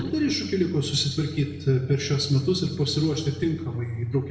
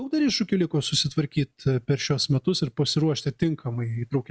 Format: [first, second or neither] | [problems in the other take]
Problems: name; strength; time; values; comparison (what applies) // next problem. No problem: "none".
second | background sound (Microwave oven); 16 dB below the speech // room echo; dies away in 0.9 s